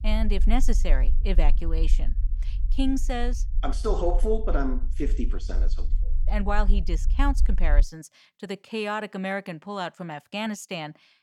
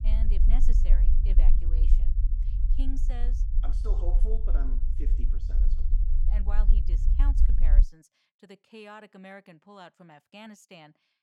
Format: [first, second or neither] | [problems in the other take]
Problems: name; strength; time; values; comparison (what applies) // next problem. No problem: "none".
first | low rumble; loud; until 8 s; 4 dB below the speech; faint in the first